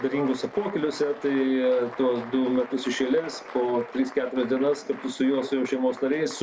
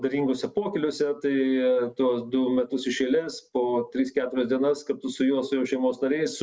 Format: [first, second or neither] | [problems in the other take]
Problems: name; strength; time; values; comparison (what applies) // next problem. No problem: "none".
second | background sound (Applause); 16 dB below the speech